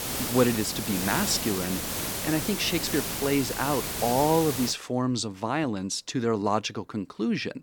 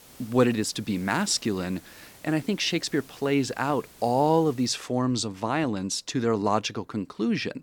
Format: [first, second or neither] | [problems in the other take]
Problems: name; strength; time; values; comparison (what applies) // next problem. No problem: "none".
second | hiss; loud; until 4.5 s; 3 dB below the speech; faint in the second